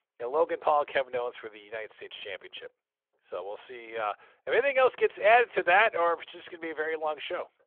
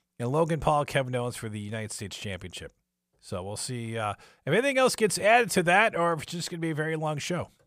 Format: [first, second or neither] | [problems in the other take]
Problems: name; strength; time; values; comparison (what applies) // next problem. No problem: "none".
second | phone-call audio